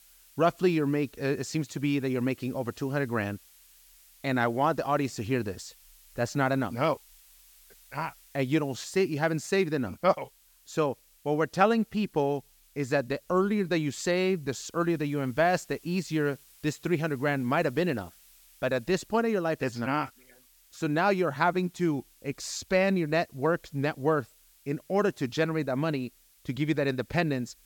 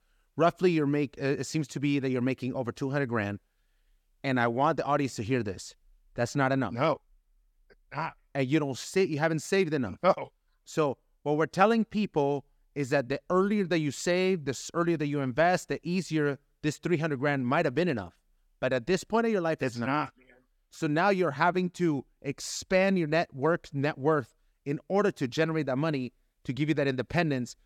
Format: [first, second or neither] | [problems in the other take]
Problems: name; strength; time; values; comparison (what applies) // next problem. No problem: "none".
second | hiss; faint; throughout; 25 dB below the speech